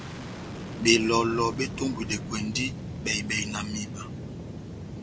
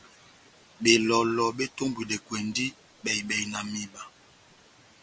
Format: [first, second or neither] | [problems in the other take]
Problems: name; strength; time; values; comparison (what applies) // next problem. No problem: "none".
second | background sound (Fixed-wing aircraft, airplane); 7 dB below the speech